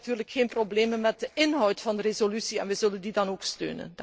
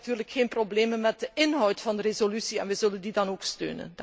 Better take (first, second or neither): second